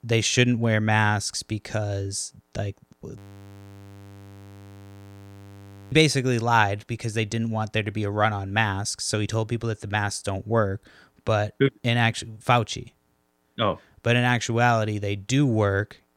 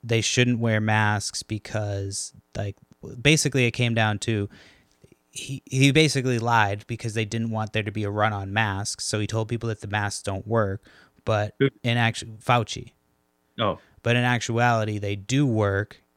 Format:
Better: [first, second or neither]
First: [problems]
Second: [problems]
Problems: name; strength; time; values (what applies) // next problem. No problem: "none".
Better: second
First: audio freezing; at 3 s for 3 s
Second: none